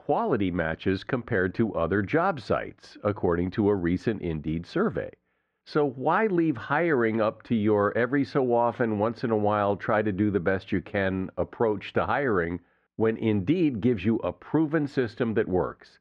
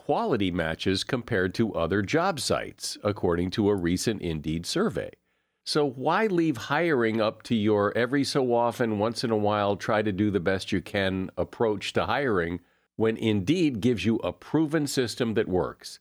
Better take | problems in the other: second | muffled; very; fading above 1.5 kHz

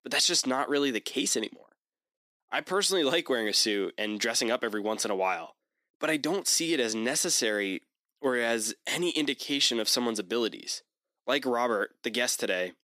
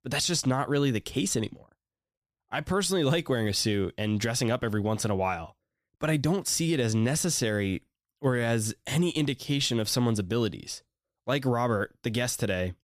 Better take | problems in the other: second | thin; somewhat; fading below 250 Hz

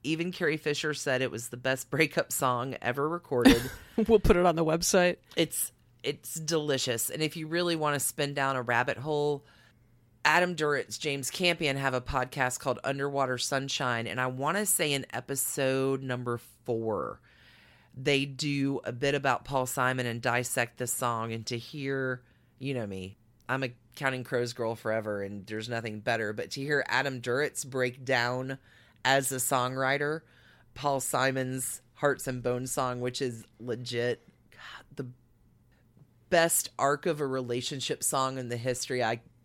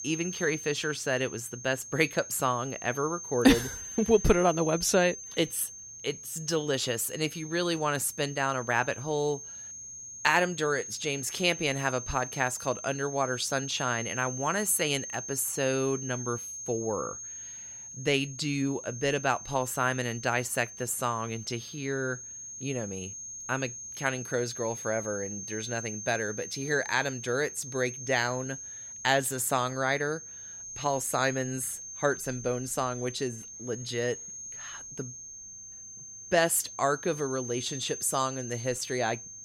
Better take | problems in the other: first | high-pitched whine; loud; throughout; 6.5 kHz, 9 dB below the speech

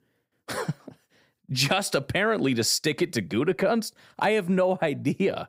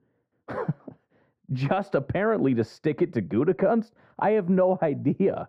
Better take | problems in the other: first | muffled; very; fading above 3 kHz

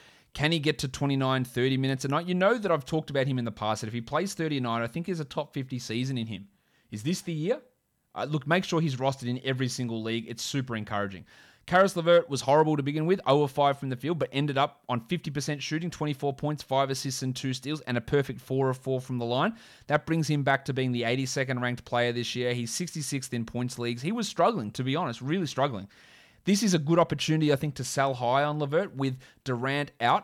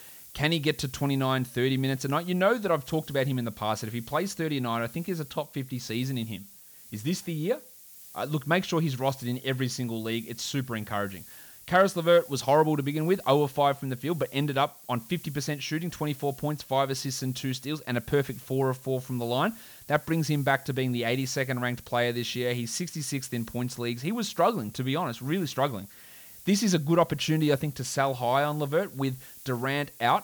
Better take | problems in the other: first | hiss; noticeable; throughout; 20 dB below the speech

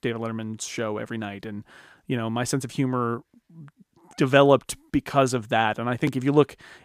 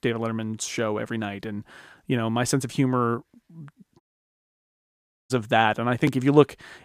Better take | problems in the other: first | audio cutting out; at 4 s for 1.5 s

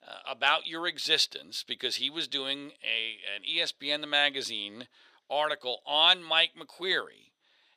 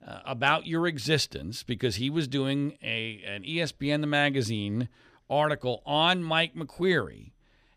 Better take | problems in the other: second | thin; somewhat; fading below 550 Hz

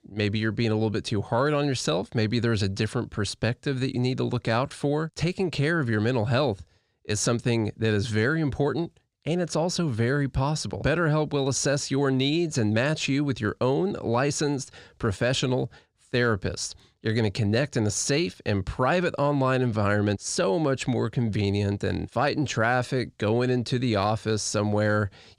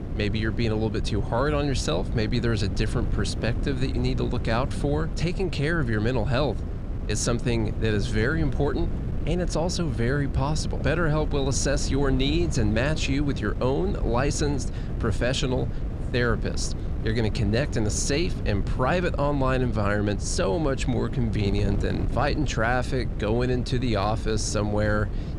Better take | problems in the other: first | wind noise on the microphone; occasional gusts; 15 dB below the speech

